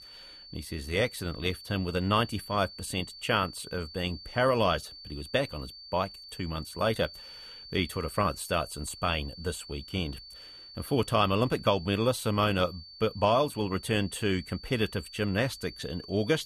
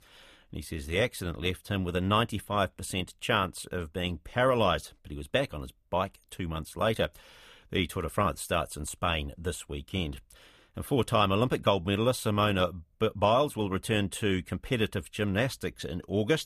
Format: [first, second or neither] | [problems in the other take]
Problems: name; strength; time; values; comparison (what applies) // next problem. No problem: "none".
second | high-pitched whine; noticeable; throughout; 4.5 kHz, 15 dB below the speech